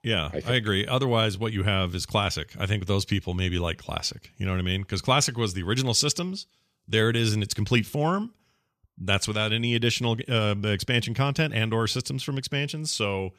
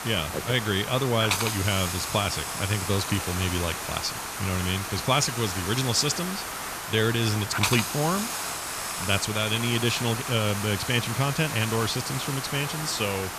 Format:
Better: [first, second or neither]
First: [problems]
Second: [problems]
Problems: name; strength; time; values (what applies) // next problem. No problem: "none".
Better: first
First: none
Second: hiss; loud; throughout; 4 dB below the speech